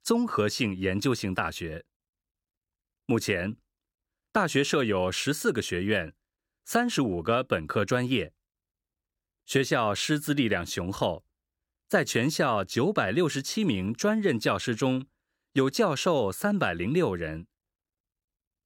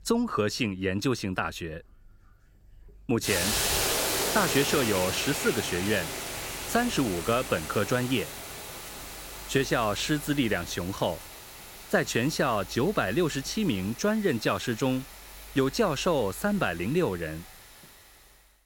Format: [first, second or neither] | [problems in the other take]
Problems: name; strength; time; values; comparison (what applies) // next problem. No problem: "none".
first | hiss; loud; throughout; 5 dB below the speech